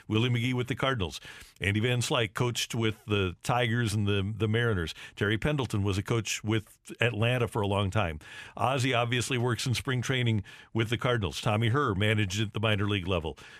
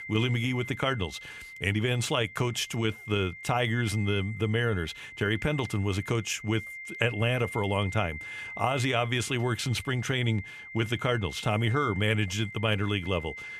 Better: first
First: none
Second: high-pitched whine; noticeable; throughout; 2 kHz, 10 dB below the speech

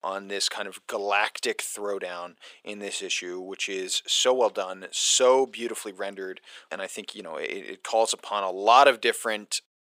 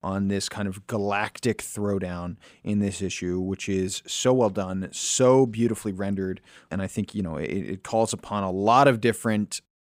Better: second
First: thin; very; fading below 450 Hz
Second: none

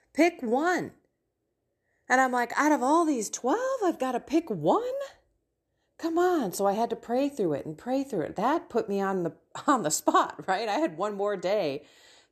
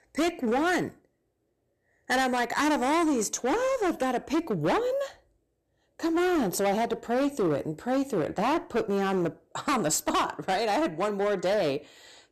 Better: first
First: none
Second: distortion; heavy; 17% of the sound clipped

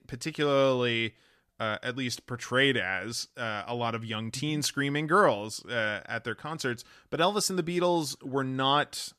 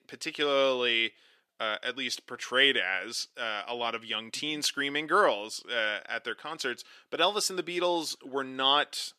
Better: first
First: none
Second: thin; somewhat; fading below 400 Hz

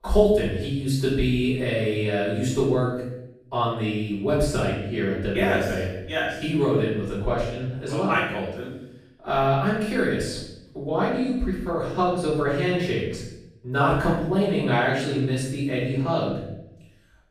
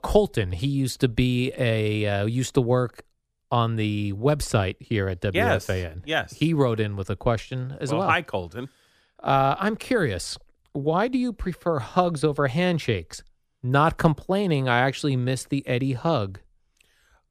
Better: second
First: room echo; noticeable; dies away in 0.7 s // off-mic speech; far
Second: none

